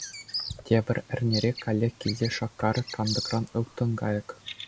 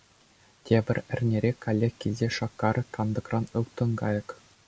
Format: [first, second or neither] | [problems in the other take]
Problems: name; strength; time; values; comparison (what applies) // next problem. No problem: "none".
second | background sound (Bird vocalization, bird call, bird song); 11 dB below the speech